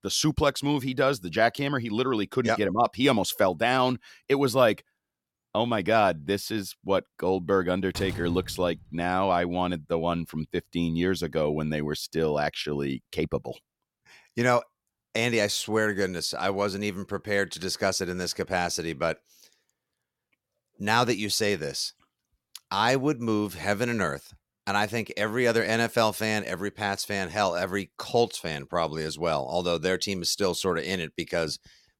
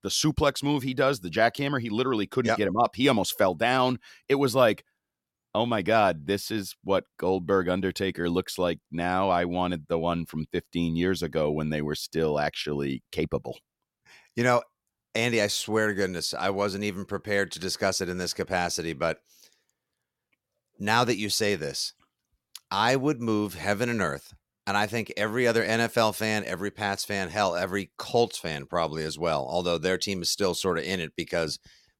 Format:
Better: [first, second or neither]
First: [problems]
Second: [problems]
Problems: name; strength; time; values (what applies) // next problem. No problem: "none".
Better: second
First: door banging; noticeable; from 8 to 9 s; peak 10 dB below the speech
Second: none